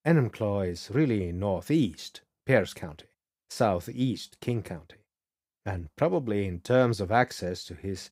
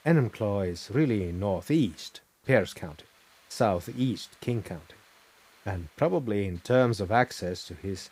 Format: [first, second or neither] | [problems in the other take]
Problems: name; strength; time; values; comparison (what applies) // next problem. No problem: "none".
first | hiss; faint; throughout; 30 dB below the speech